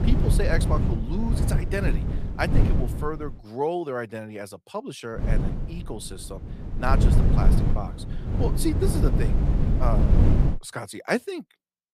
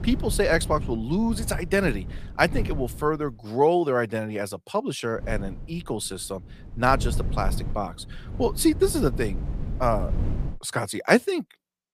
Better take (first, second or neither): second